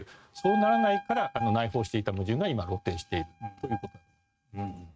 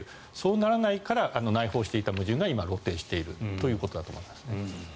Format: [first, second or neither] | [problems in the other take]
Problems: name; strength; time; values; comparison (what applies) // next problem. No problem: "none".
second | noise reduction (neural mask model RNNoise)